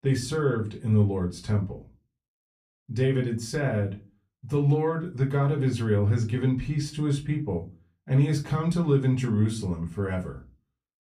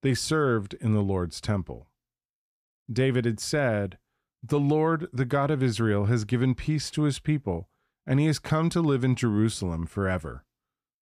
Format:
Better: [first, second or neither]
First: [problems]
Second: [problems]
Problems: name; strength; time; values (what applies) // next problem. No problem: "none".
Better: second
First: off-mic speech; far // room echo; very slight; dies away in 0.2 s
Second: none